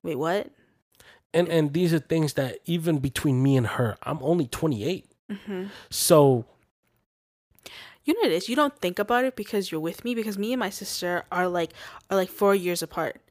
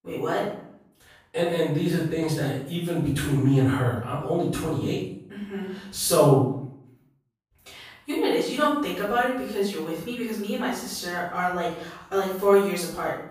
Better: first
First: none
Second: room echo; noticeable; dies away in 0.6 s // off-mic speech; far

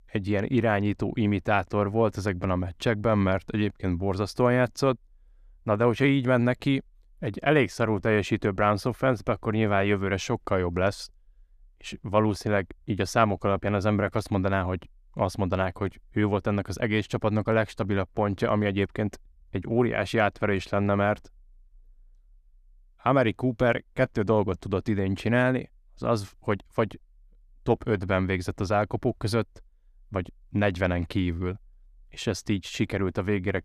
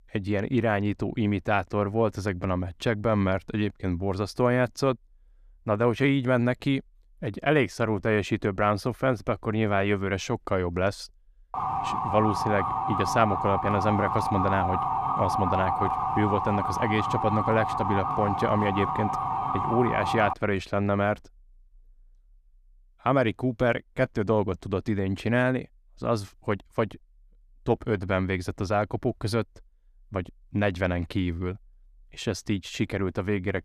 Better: first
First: none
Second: siren; loud; from 12 to 20 s; peak 1 dB above the speech

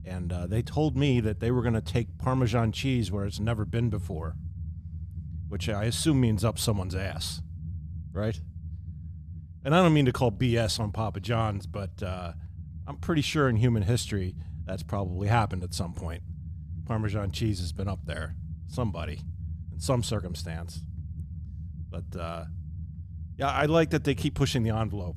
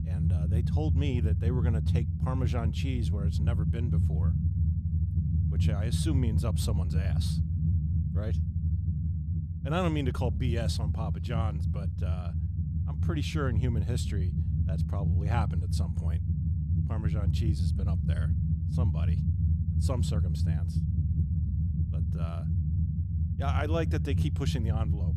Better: first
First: low rumble; faint; throughout; 20 dB below the speech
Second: low rumble; loud; throughout; 3 dB below the speech

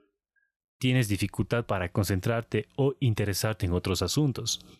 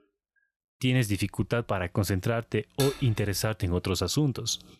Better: first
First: none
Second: clattering dishes; noticeable; at 3 s; peak 7 dB below the speech

